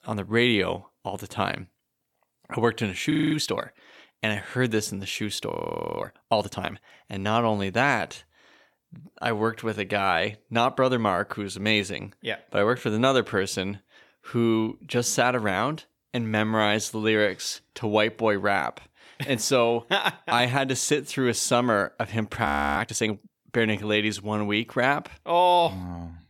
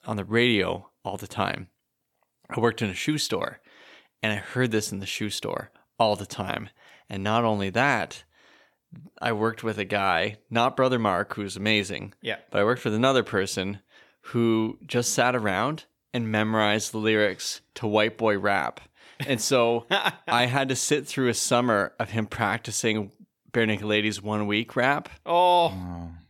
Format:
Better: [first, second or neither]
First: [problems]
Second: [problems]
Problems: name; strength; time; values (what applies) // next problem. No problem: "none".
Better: second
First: audio freezing; at 3 s, at 5.5 s and at 22 s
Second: none